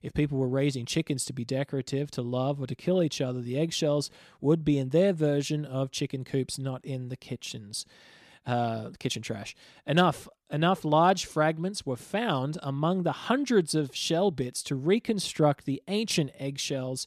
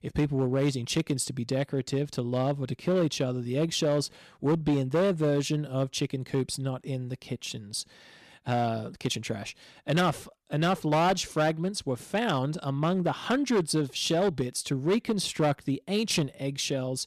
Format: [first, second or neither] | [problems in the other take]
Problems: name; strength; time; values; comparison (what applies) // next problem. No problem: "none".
first | distortion; slight; 6% of the sound clipped